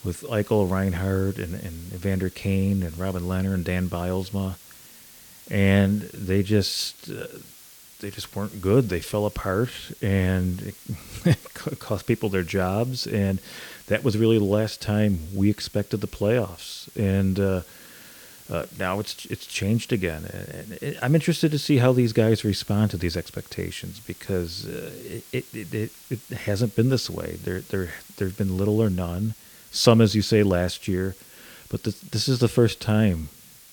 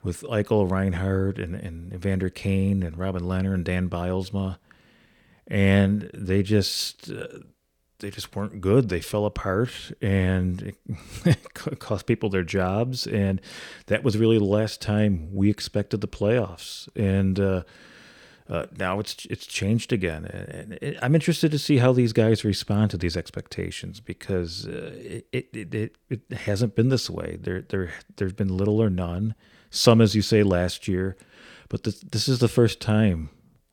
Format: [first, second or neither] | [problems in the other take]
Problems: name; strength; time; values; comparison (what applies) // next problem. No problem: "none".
second | hiss; faint; throughout; 20 dB below the speech